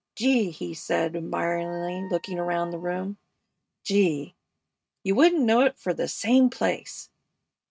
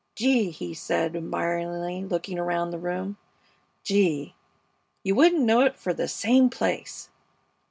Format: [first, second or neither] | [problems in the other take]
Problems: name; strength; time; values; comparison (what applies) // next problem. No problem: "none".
second | noise reduction (neural mask model RNNoise)